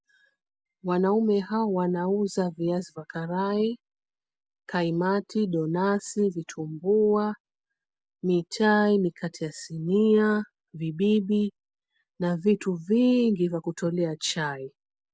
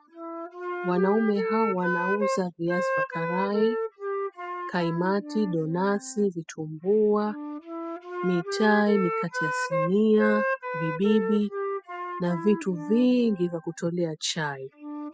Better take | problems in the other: first | noise reduction (classical method spectral subtraction)

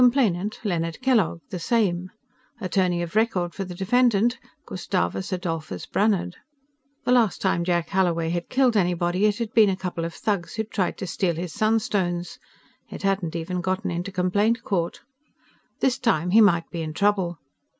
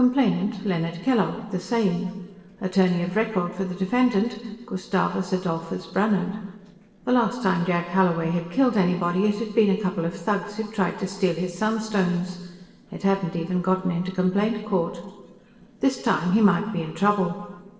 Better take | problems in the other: first | noise reduction (neural separator model SepFormer DNS4)

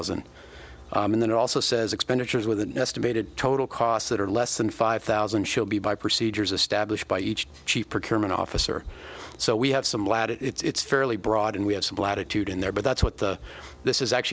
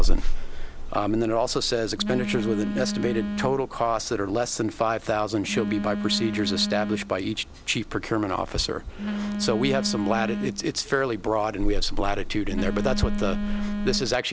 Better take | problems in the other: first | background sound (Telephone); as loud as the speech

